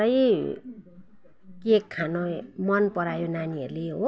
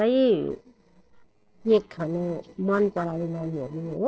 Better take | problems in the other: first | noise reduction (neural separator model SepFormer DNS4)

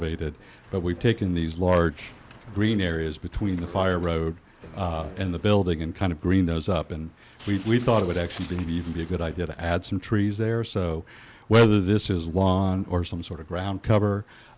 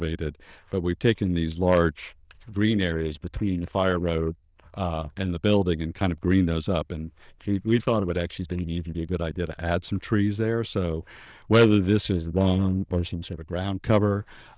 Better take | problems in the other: first | noise reduction (neural diffusion model UNIVERSE++)

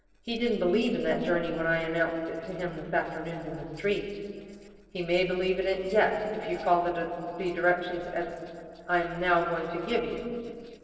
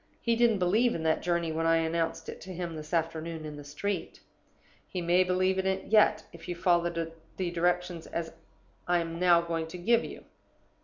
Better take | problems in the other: second | noise reduction (neural separator model SepFormer DNS4)

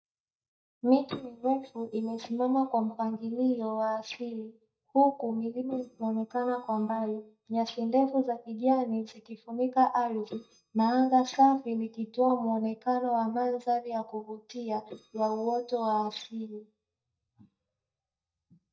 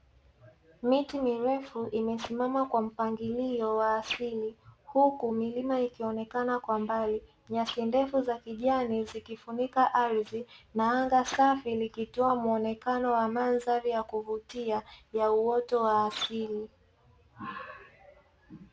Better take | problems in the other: second | noise reduction (neural mask model DeepFilterNet 3)

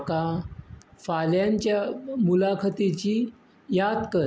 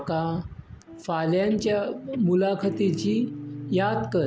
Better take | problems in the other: first | background sound (Guitar); 12 dB below the speech

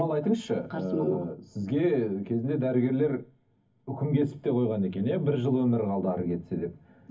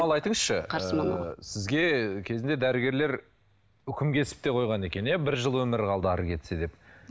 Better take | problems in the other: second | room echo; dies away in 0.3 s

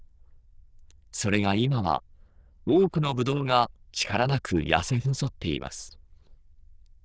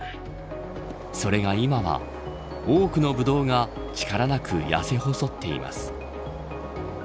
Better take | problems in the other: second | noise reduction (neural diffusion model UNIVERSE++)

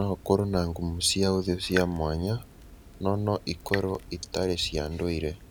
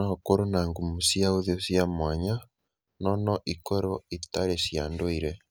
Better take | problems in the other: second | background sound (Drip / Water tap, faucet); 14 dB below the speech

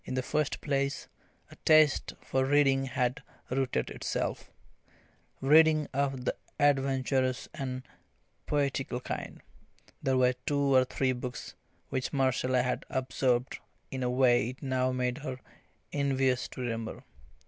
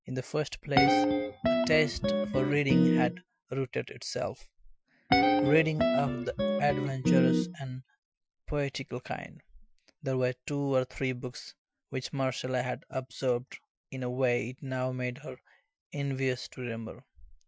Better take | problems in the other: first | noise reduction (classical method Wiener filter)

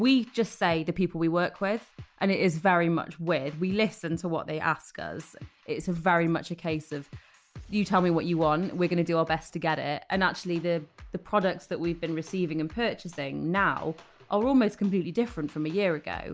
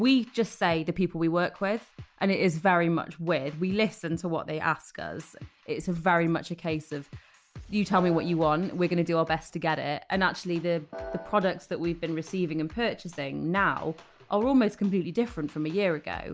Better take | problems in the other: first | background sound (Piano); 11 dB below the speech

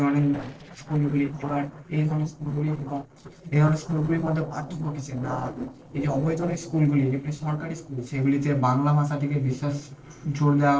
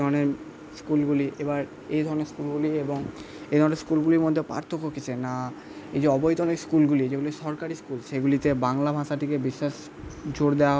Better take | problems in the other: second | noise reduction (neural separator model SepFormer DNS4)

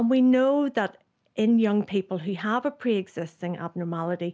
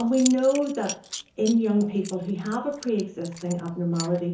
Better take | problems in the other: first | background sound (Coin (dropping) / Zipper (clothing)); 14 dB below the speech // room echo; dies away in 0.7 s

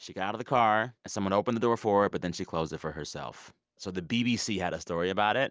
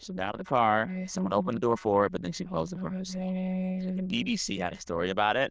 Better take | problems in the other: first | noise reduction (neural diffusion model UNIVERSE++)

